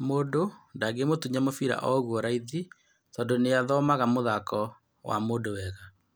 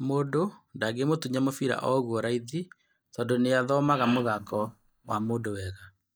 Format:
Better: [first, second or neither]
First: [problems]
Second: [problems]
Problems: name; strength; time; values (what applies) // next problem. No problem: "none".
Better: first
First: none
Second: noise reduction (neural mask model DeepFilterNet 3)